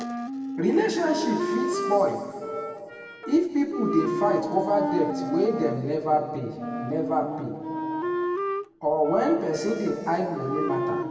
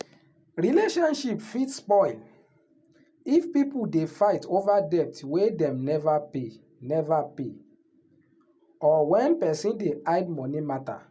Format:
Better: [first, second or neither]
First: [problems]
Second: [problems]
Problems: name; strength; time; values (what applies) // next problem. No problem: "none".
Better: second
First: background sound (Wind instrument, woodwind instrument); 5 dB below the speech // room echo; dies away in 2.1 s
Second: none